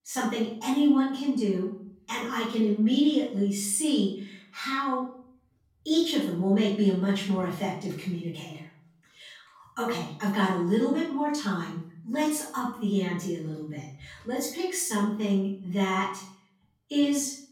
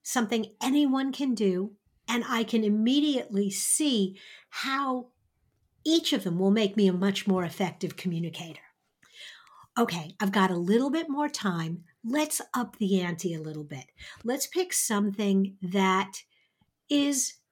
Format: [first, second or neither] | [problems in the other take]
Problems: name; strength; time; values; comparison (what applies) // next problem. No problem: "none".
second | off-mic speech; far // room echo; noticeable; dies away in 0.5 s